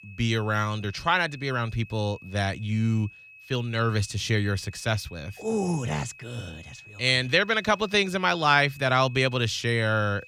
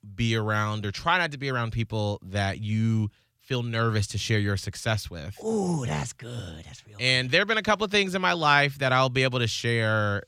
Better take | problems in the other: second | high-pitched whine; faint; throughout; 2.5 kHz, 20 dB below the speech

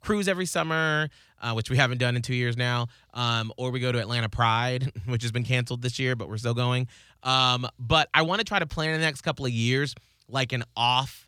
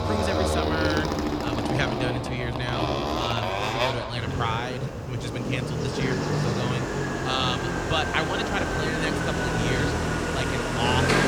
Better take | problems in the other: first | traffic noise; very loud; throughout; 3 dB above the speech

